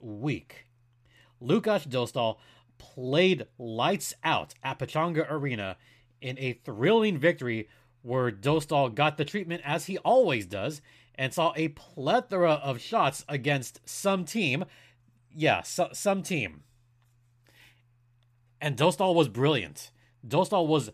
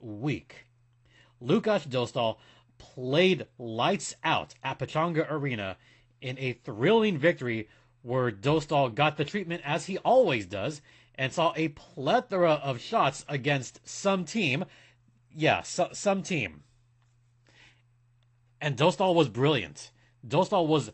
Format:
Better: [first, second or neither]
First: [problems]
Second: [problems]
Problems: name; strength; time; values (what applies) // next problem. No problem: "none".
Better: first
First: none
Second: garbled, watery; slightly; nothing above 8 kHz